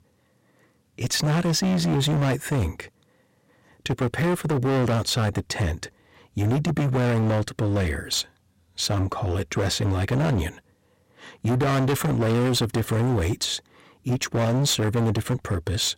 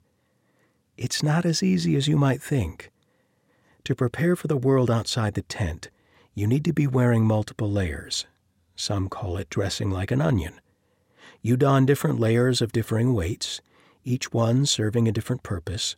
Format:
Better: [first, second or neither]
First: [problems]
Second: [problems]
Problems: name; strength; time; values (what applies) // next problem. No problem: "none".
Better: second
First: distortion; heavy; 22% of the sound clipped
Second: none